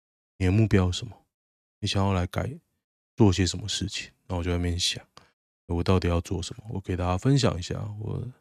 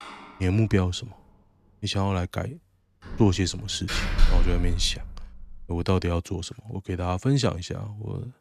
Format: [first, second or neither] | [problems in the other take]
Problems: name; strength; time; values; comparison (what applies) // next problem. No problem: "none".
first | door banging; loud; at 4 s; peak 2 dB above the speech